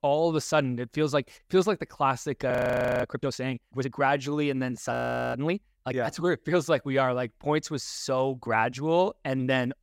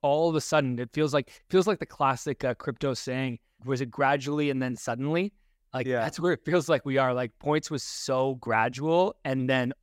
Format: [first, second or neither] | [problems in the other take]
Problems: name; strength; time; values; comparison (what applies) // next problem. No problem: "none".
second | audio freezing; at 2.5 s for 0.5 s and at 5 s